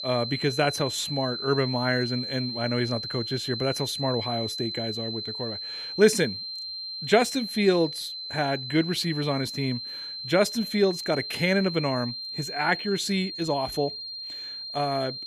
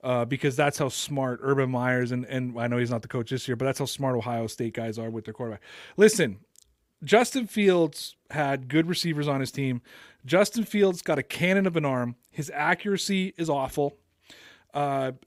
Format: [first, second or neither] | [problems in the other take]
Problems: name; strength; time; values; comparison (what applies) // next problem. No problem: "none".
second | high-pitched whine; loud; throughout; 4 kHz, 6 dB below the speech